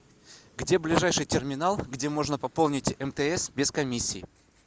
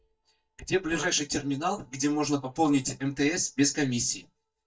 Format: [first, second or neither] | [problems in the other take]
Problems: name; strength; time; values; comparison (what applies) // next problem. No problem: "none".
first | noise reduction (neural mask model DeepFilterNet 3)